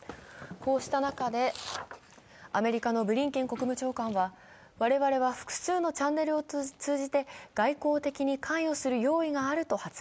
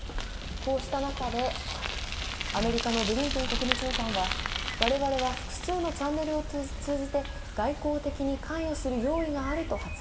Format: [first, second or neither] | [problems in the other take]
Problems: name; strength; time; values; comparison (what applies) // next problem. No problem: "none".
first | background sound (Bicycle); 3 dB below the speech // room echo; dies away in 2.5 s